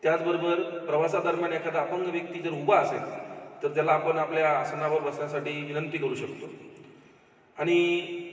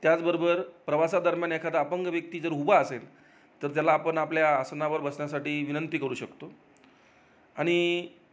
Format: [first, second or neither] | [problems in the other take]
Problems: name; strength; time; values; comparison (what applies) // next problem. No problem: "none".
second | room echo; dies away in 2.3 s